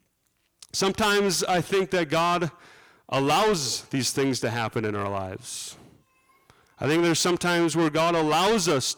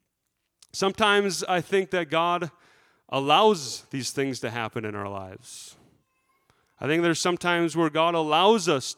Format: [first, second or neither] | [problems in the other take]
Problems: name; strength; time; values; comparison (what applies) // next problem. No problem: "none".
second | distortion; heavy; 6 dB below the speech